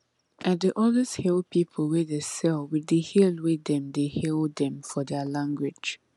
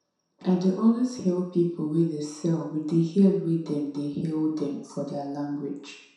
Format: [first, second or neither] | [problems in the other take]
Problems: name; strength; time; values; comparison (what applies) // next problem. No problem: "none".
first | room echo; dies away in 0.7 s